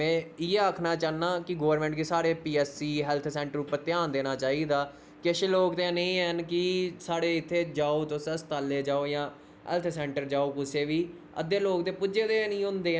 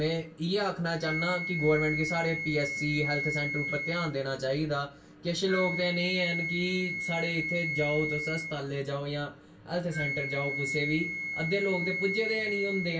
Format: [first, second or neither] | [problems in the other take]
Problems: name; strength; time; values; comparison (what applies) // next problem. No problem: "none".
first | background sound (Wind instrument, woodwind instrument); 4 dB below the speech // room echo; dies away in 0.1 s